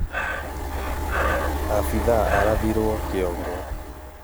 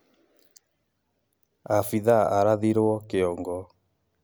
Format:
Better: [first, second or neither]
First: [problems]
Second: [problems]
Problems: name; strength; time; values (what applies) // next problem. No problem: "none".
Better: second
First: background sound (Breathing); 1 dB above the speech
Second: none